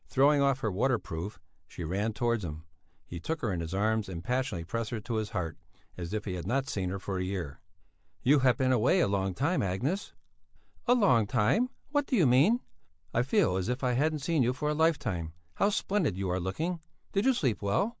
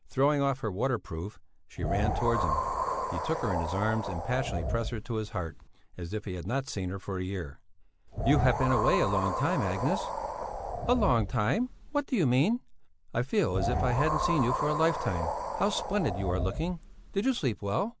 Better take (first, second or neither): first